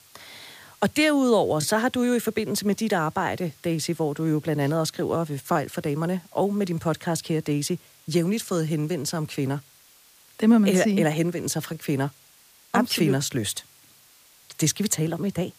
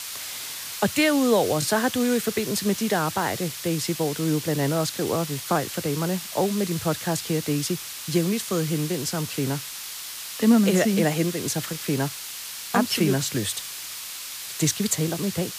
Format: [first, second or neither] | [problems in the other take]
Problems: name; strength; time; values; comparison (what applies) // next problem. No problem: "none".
first | hiss; loud; throughout; 8 dB below the speech; faint in the first